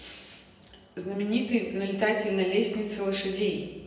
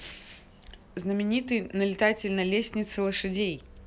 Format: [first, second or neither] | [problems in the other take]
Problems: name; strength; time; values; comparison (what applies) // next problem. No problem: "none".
second | room echo; dies away in 1 s